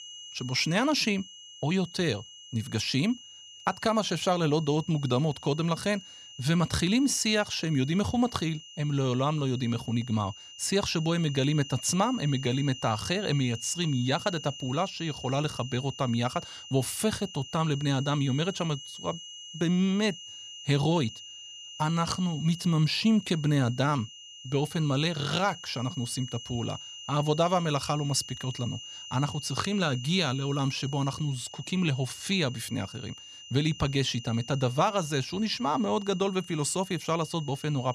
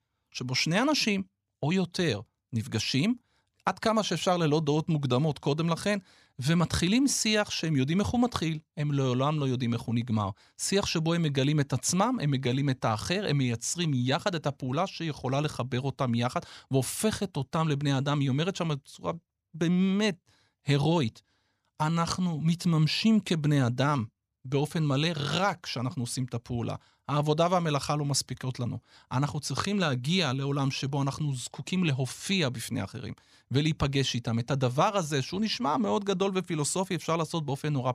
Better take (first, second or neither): second